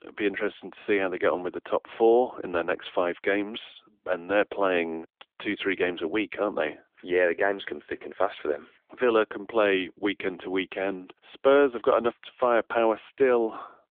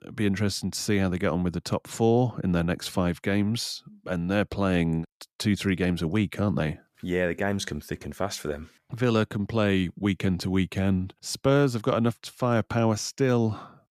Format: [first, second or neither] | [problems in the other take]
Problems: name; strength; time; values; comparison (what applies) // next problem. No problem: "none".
second | phone-call audio; nothing above 3.5 kHz